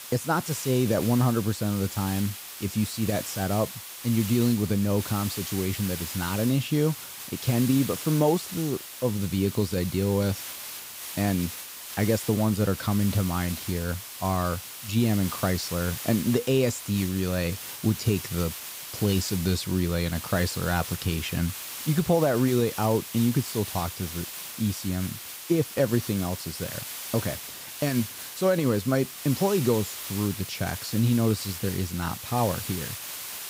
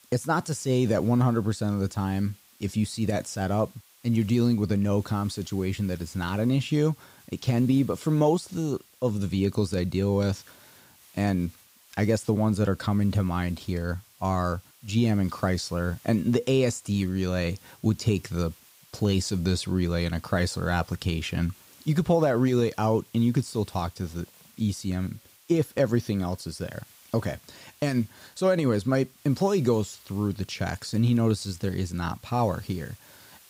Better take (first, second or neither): second